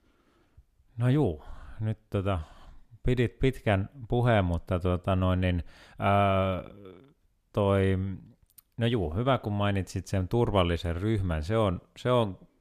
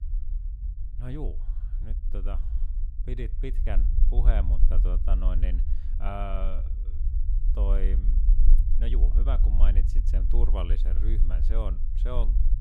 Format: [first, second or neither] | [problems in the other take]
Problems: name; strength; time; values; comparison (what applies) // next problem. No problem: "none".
first | low rumble; loud; throughout; 9 dB below the speech